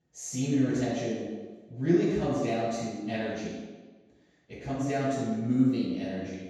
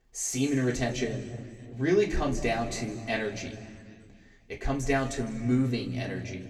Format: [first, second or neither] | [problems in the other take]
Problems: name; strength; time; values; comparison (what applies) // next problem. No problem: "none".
second | room echo; strong; dies away in 1.2 s; slight in the second // off-mic speech; far; far in the second